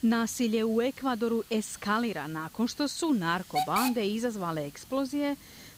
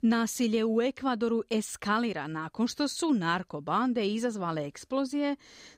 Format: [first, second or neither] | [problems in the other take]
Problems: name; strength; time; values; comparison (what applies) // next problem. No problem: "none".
second | hiss; loud; throughout; 10 dB below the speech